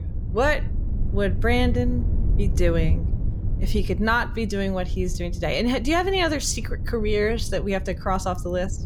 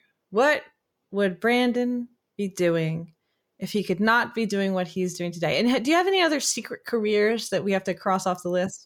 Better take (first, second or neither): second